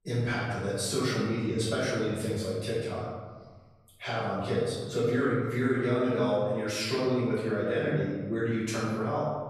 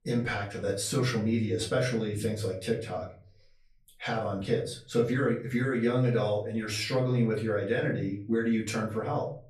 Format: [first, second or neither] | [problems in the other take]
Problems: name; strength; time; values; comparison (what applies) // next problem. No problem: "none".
second | room echo; strong; dies away in 1.3 s; slight in the second // off-mic speech; far; far in the second